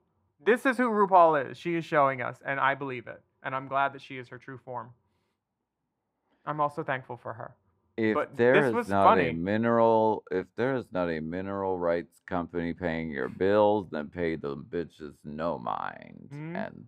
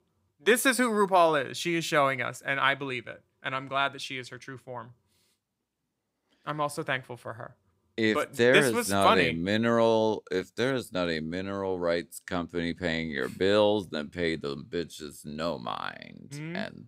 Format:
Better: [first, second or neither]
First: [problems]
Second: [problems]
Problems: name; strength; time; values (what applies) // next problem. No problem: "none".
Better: second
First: muffled; very; fading above 3 kHz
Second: none